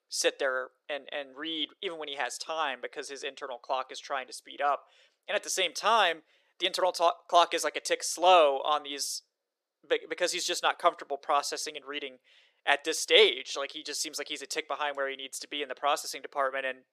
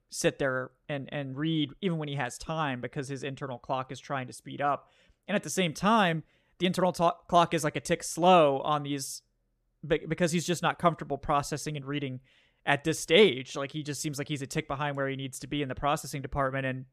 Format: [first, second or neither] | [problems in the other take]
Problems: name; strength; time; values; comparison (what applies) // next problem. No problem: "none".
second | thin; very; fading below 400 Hz